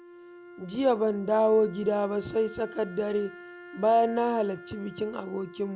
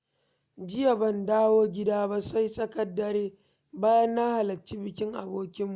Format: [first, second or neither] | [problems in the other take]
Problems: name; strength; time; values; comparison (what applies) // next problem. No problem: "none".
second | background sound (Wind instrument, woodwind instrument); 18 dB below the speech